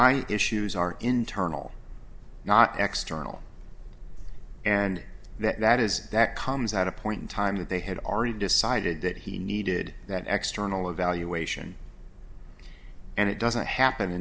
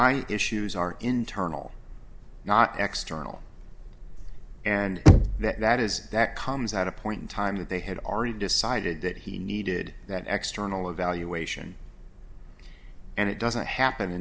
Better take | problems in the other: first | background sound (Knock); 4 dB above the speech

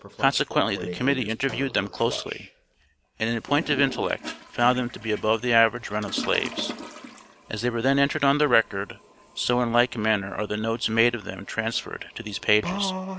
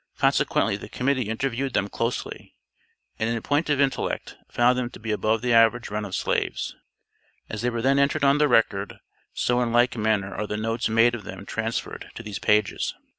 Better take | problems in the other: second | background sound (Toilet flush); 13 dB below the speech

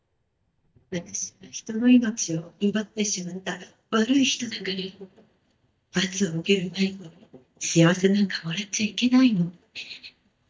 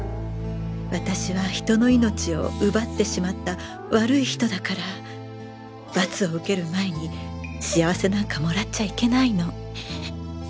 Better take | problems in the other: second | noise reduction (neural mask model DeepFilterNet 3)

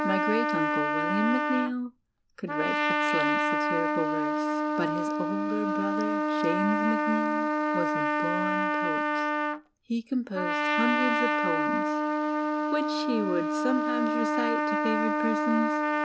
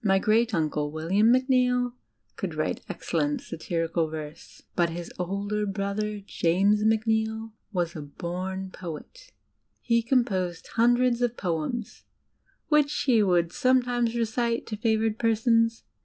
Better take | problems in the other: second | background sound (Trumpet); 5 dB above the speech

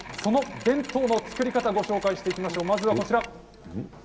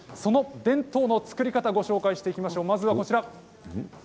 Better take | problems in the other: second | background sound (Mechanisms); 14 dB below the speech // room echo; dies away in 1 s

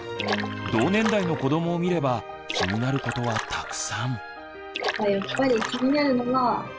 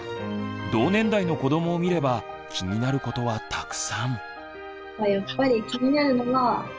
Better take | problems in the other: second | background sound (Splash, splatter); 8 dB below the speech

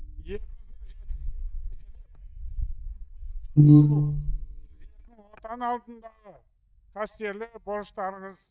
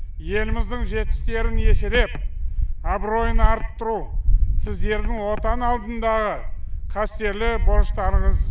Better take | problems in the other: second | noise reduction (neural mask model DeepFilterNet 3)

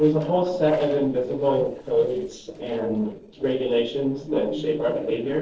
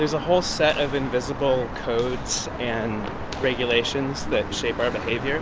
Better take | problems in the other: second | noise reduction (neural separator model SepFormer DNS4)

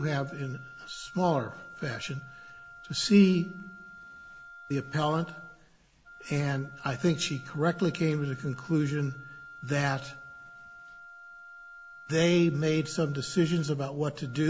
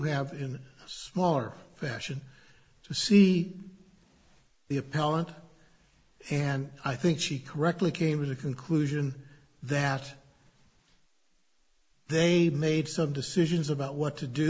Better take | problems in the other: second | background sound (Wind instrument, woodwind instrument); 18 dB below the speech

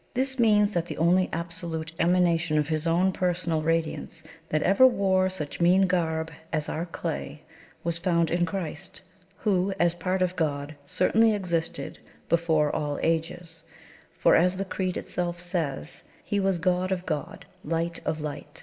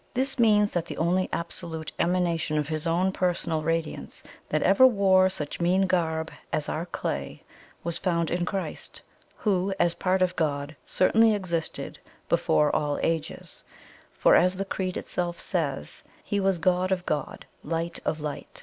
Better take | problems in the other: second | room echo; dies away in 0.8 s

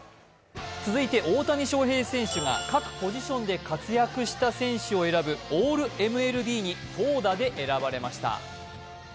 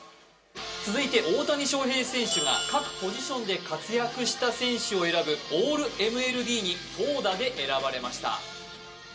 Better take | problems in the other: first | room echo; dies away in 0.2 s

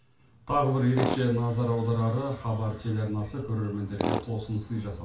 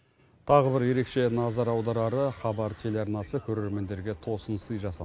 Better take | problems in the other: second | background sound (Tools); 9 dB below the speech // room echo; dies away in 0.3 s

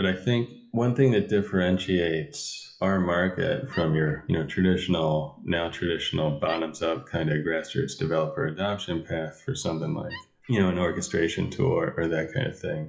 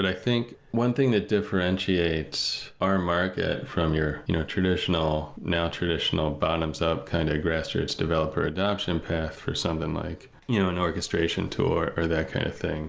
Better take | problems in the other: second | noise reduction (classical method WPE with log-MMSE)

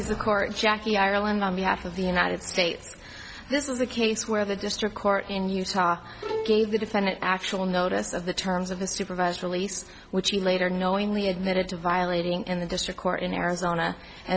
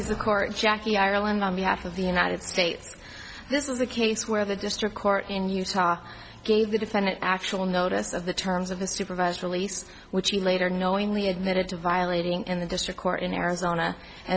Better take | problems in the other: second | background sound (Bowed string instrument); 8 dB below the speech

